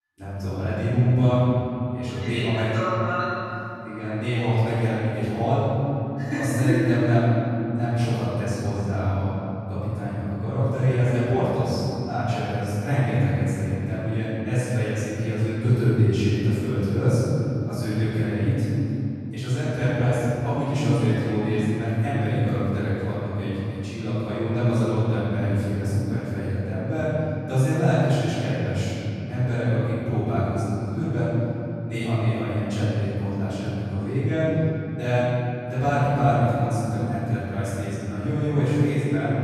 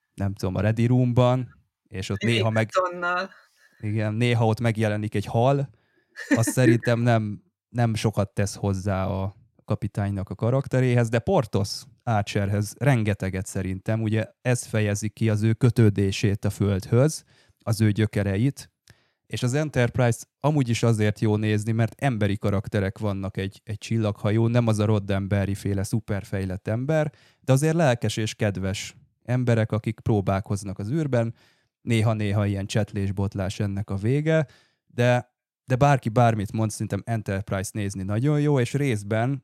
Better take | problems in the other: second | room echo; strong; dies away in 3 s // off-mic speech; far

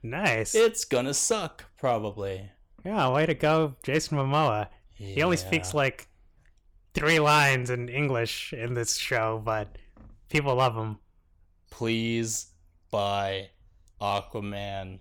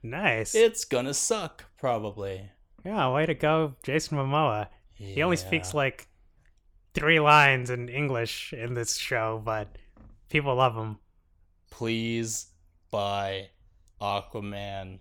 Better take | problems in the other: second | distortion; slight; 2% of the sound clipped

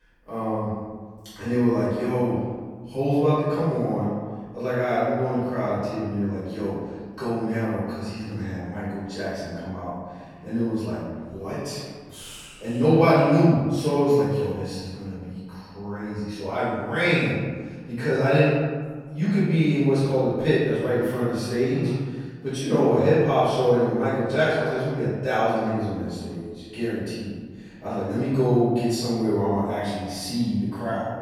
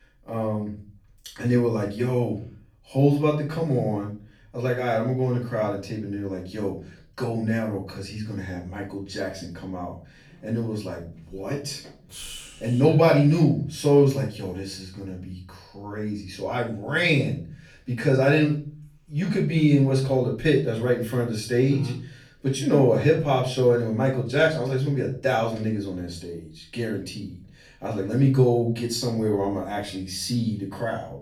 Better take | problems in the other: second | room echo; strong; dies away in 1.4 s; slight in the second // off-mic speech; far; far in the second

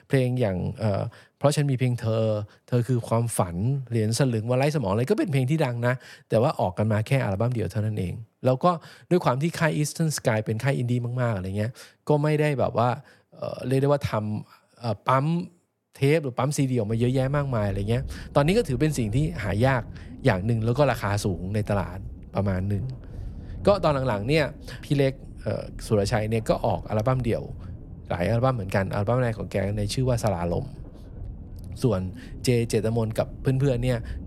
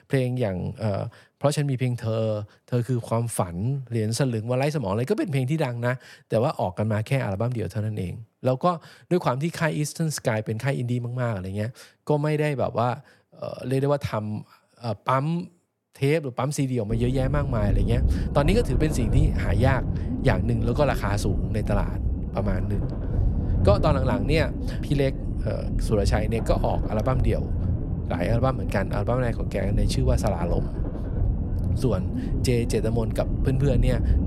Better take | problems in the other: first | low rumble; loud; from 17 s on; 10 dB below the speech; faint in the first

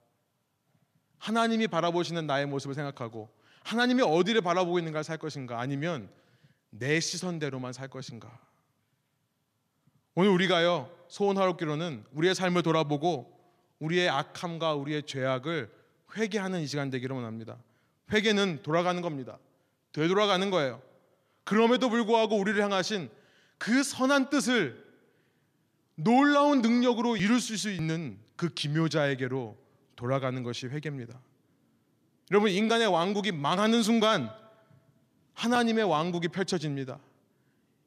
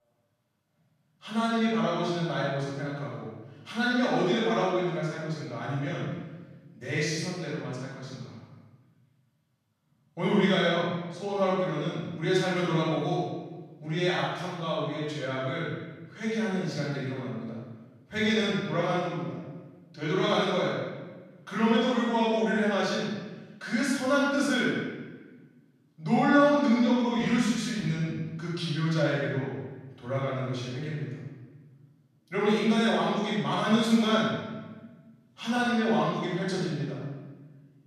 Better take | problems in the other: first | room echo; strong; dies away in 1.2 s // off-mic speech; far

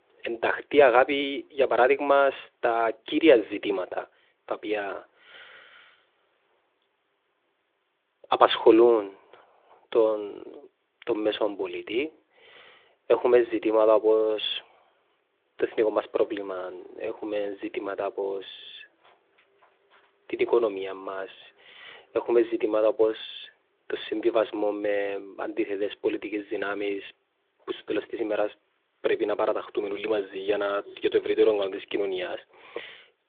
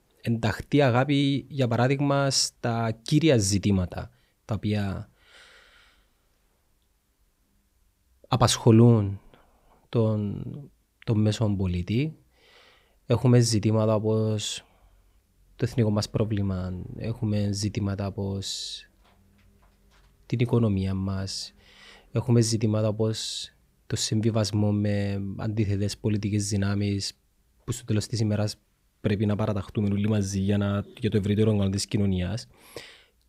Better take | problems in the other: second | phone-call audio

